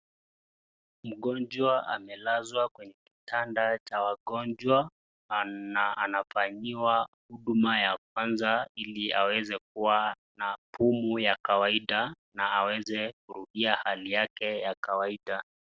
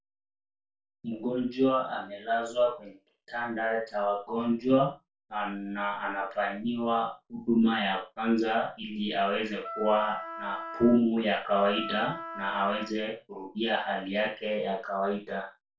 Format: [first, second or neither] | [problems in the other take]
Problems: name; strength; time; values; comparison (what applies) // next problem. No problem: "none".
first | background sound (Wind instrument, woodwind instrument); 9 dB below the speech // room echo; dies away in 0.3 s